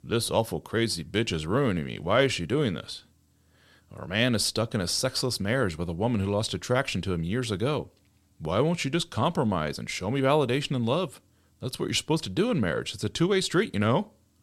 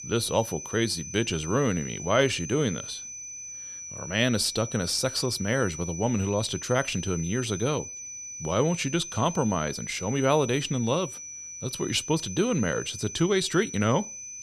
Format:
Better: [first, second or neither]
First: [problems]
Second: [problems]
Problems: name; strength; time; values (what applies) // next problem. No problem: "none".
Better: first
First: none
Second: high-pitched whine; loud; throughout; 6 kHz, 9 dB below the speech